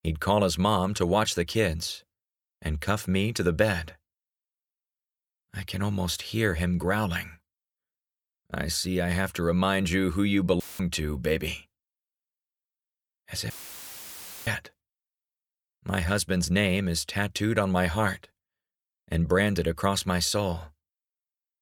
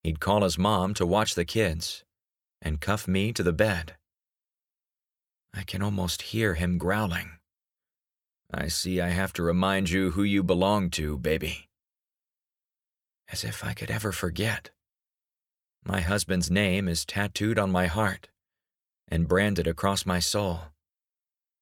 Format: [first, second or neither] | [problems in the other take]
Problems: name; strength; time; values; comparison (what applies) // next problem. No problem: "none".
second | audio cutting out; filled with static; at 11 s and at 14 s for 1 s